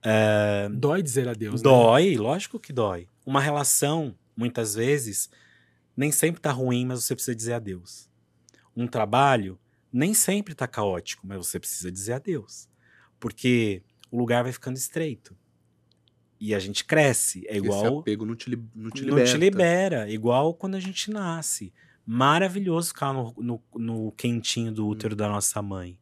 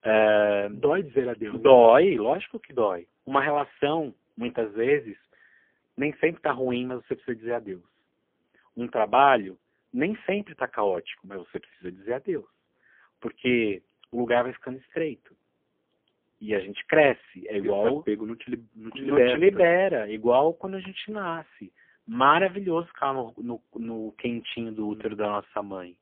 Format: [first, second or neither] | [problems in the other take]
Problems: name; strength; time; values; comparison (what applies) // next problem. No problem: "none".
first | phone-call audio; poor line; nothing above 3.5 kHz